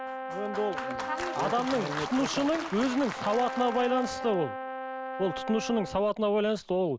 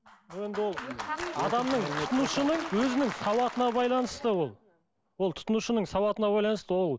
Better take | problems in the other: second | background sound (Brass instrument); 9 dB below the speech

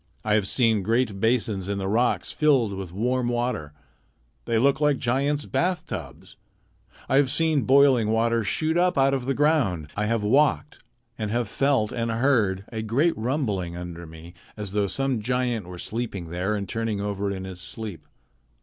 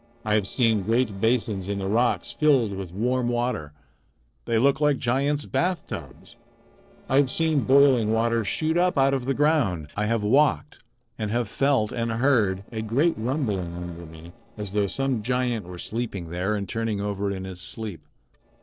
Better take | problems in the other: first | noise reduction (neural separator model SepFormer DNS4)

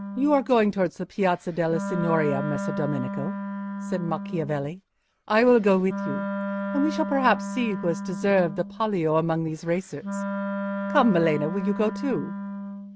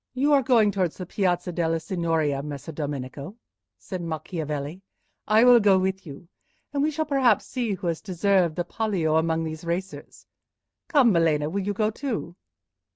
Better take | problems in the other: second | background sound (Wind instrument, woodwind instrument); 7 dB below the speech

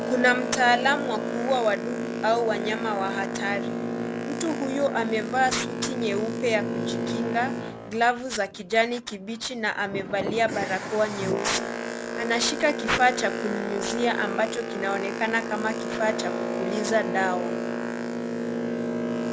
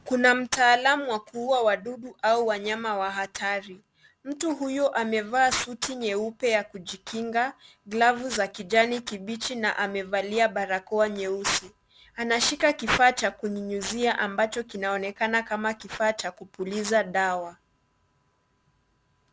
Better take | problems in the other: second | background sound (Boat, Water vehicle); 3 dB below the speech

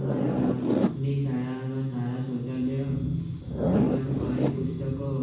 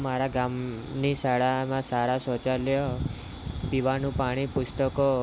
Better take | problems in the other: second | background sound (Zipper (clothing)); 2 dB below the speech // room echo; dies away in 1.2 s

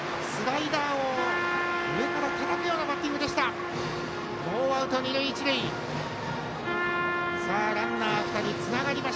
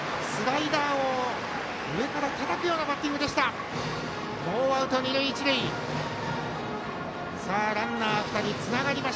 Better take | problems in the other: second | background sound (Trumpet); 4 dB below the speech

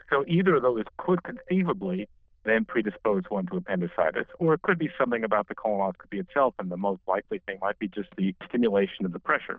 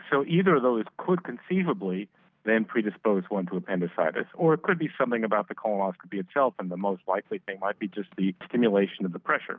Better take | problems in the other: second | noise reduction (neural diffusion model UNIVERSE++)

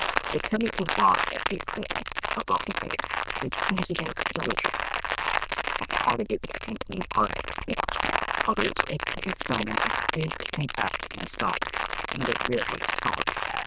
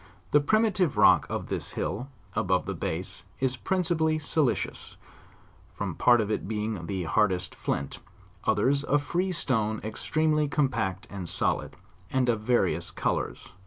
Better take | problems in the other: second | noise reduction (neural diffusion model UNIVERSE++)

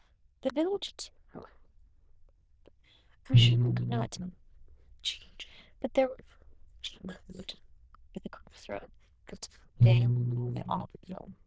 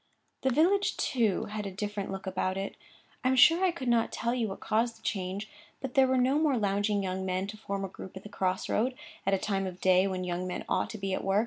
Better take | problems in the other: second | noise reduction (neural diffusion model UNIVERSE++)

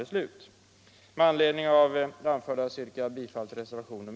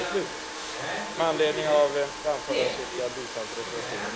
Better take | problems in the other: first | background sound (Domestic sounds, home sounds); 4 dB below the speech // room echo; dies away in 0.2 s

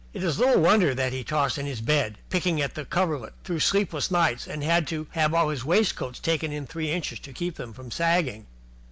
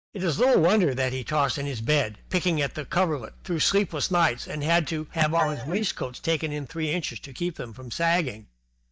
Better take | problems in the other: first | noise reduction (neural mask model DeepFilterNet 3)

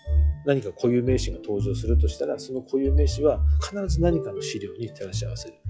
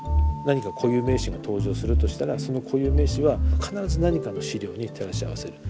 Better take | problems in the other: second | noise reduction (classical method log-MMSE)

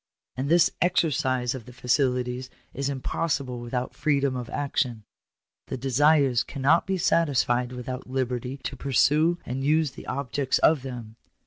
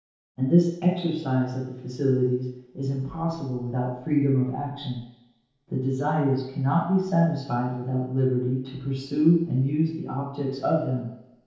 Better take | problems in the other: first | room echo; dies away in 0.8 s

